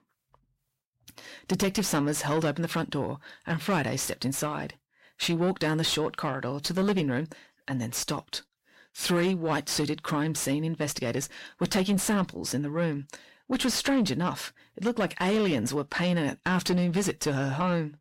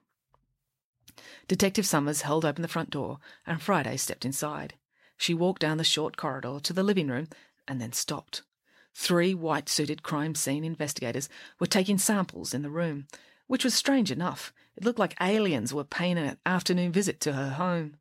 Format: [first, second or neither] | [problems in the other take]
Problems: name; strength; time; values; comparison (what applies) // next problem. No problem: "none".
second | distortion; slight; 9 dB below the speech